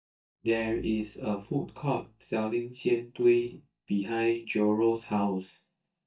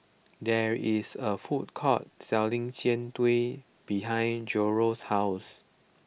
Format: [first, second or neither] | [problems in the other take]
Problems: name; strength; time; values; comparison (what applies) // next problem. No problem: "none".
second | noise reduction (neural mask model DeepFilterNet 3)